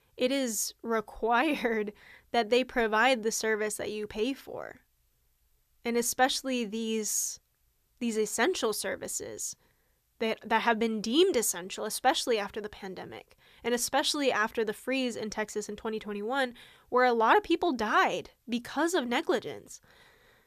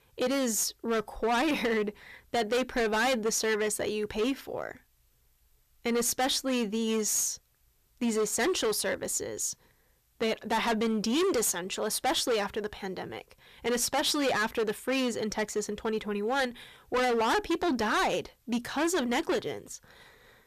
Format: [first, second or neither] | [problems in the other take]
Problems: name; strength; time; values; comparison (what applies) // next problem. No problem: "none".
first | distortion; heavy; 13% of the sound clipped